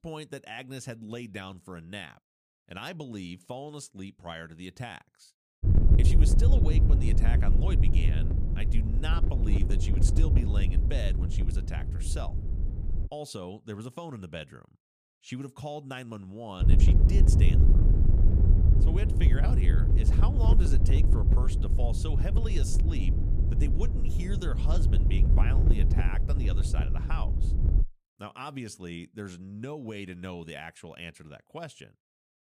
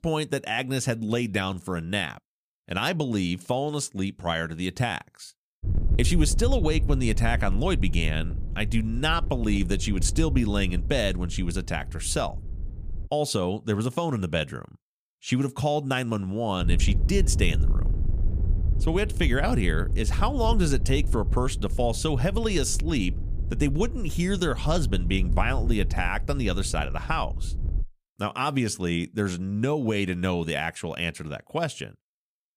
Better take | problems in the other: second | wind noise on the microphone; heavy; from 5.5 to 13 s and from 17 to 28 s; 1 dB below the speech; occasional gusts in the second

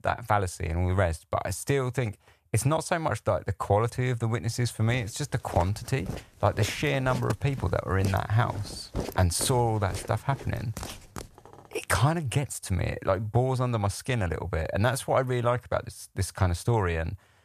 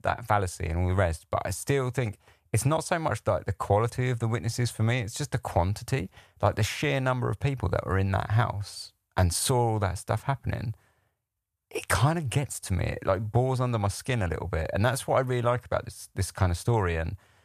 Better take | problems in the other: second | footsteps; noticeable; from 5 to 11 s; peak 8 dB below the speech

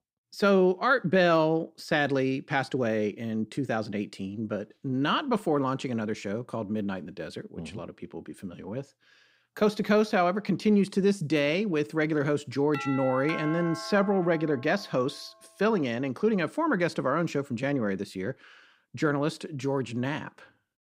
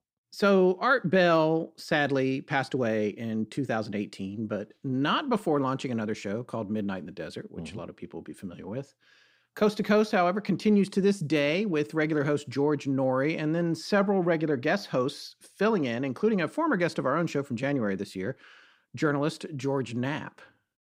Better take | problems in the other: second | doorbell; noticeable; from 13 to 15 s; peak 8 dB below the speech

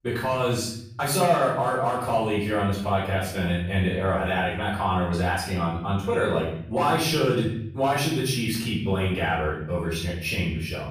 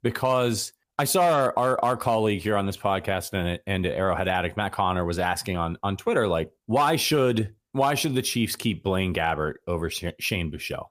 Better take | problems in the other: second | off-mic speech; far // room echo; noticeable; dies away in 0.8 s

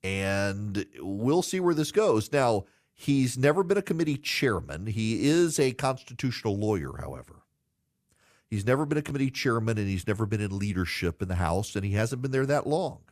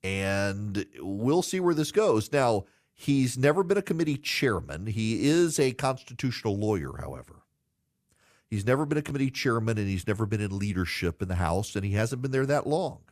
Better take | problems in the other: neither | none

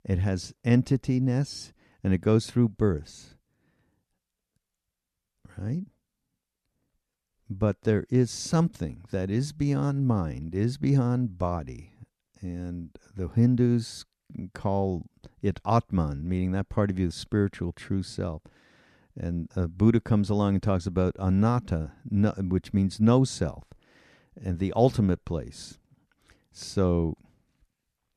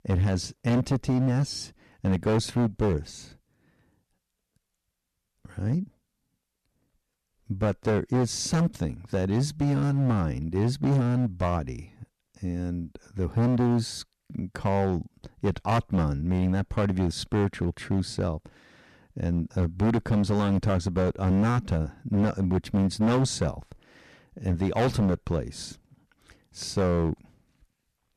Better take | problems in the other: first | distortion; heavy; 10% of the sound clipped

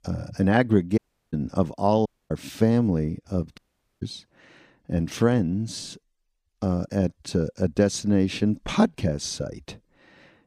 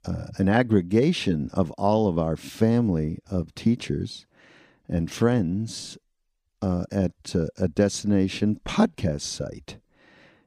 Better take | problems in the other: second | audio cutting out; at 1 s, at 2 s and at 3.5 s

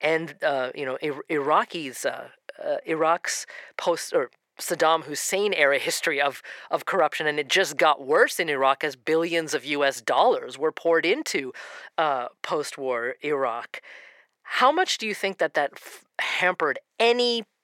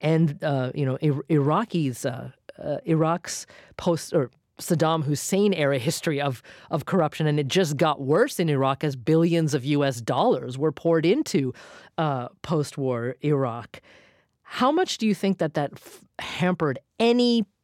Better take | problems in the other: second | thin; very; fading below 600 Hz

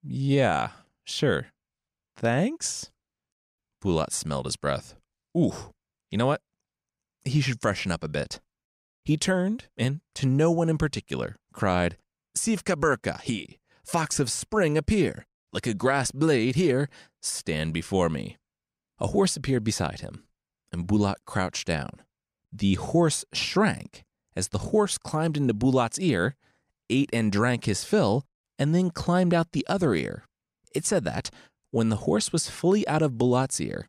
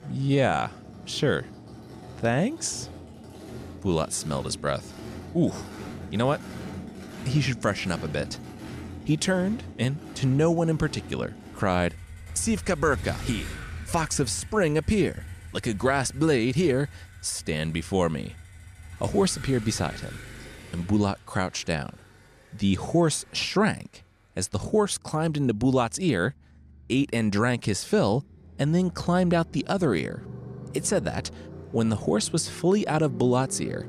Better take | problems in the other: first | traffic noise; noticeable; throughout; 15 dB below the speech

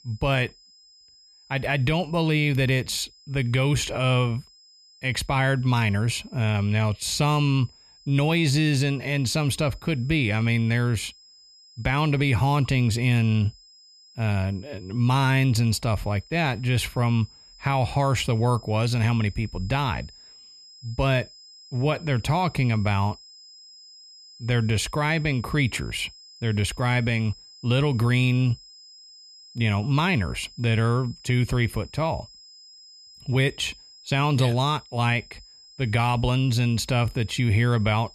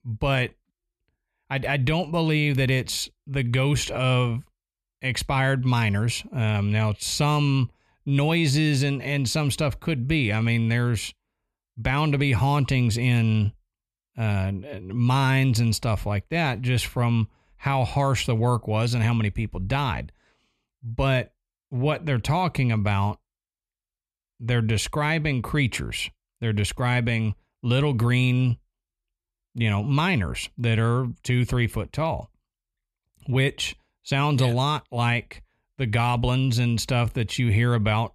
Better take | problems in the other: second | high-pitched whine; faint; throughout; 5 kHz, 25 dB below the speech

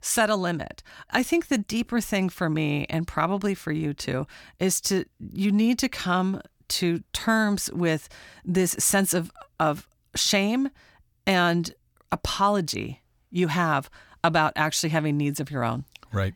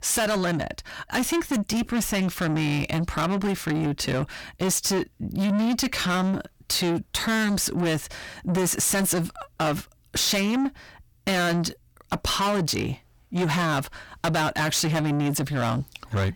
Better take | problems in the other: first | distortion; heavy; 6 dB below the speech

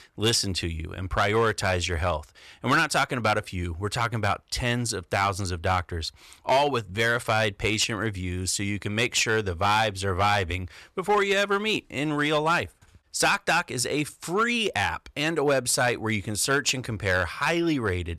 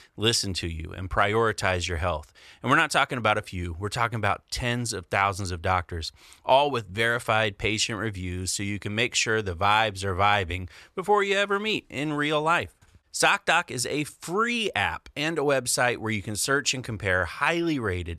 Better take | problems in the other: second | distortion; slight; 3% of the sound clipped

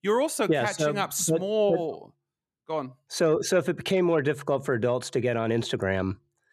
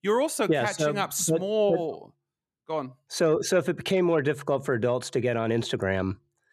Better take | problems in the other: neither | none

